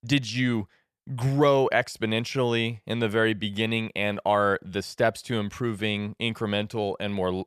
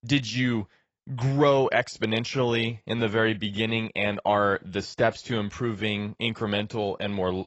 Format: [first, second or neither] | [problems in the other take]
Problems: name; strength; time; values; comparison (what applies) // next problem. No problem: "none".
first | garbled, watery; badly; nothing above 8 kHz